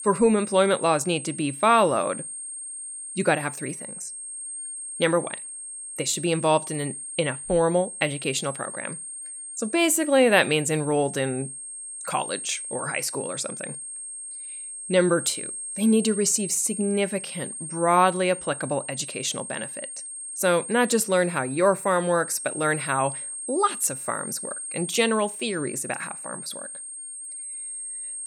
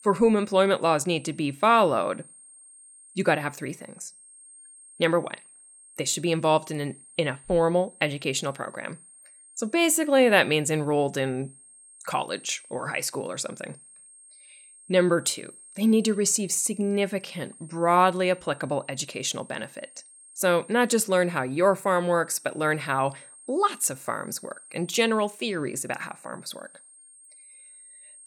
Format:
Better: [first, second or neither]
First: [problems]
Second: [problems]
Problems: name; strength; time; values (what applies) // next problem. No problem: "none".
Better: second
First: high-pitched whine; loud; throughout; 8.5 kHz, 9 dB below the speech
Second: high-pitched whine; faint; throughout; 8.5 kHz, 25 dB below the speech